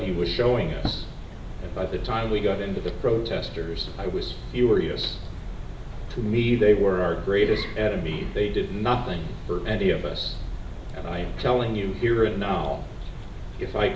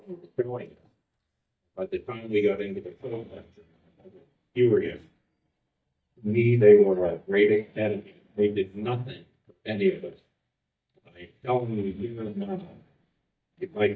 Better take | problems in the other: first | noise reduction (neural mask model DeepFilterNet 3)

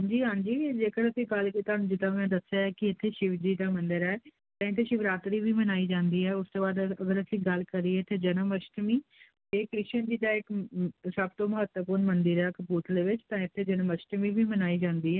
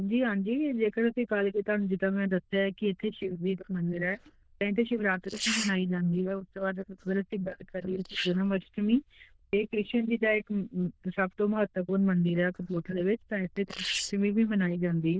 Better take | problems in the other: first | noise reduction (neural diffusion model UNIVERSE++)

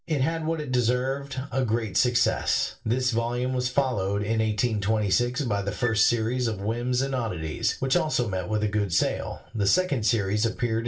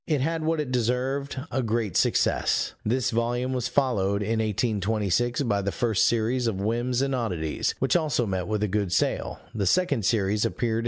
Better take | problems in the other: second | noise reduction (neural separator model SepFormer DNS4)

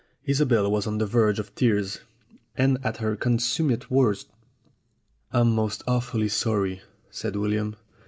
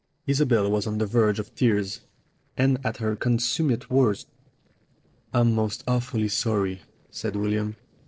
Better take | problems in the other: first | noise reduction (neural separator model SepFormer DNS4)

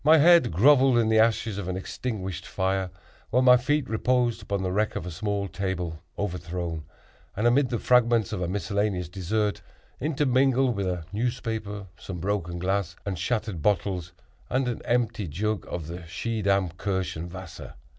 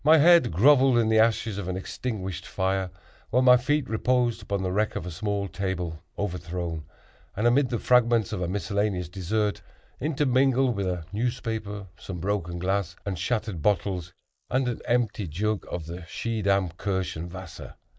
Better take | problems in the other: first | noise reduction (neural mask model Resemble Enhance denoiser)

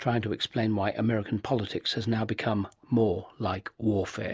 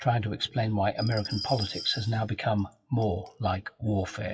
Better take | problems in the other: first | noise reduction (classical method WPE with log-MMSE)

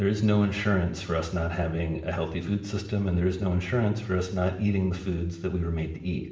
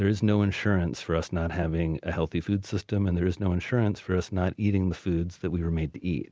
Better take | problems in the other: second | room echo; dies away in 0.8 s

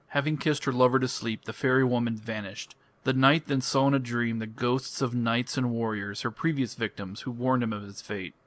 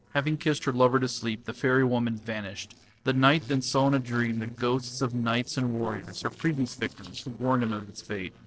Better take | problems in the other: first | noise reduction (neural separator model SepFormer DNS4)

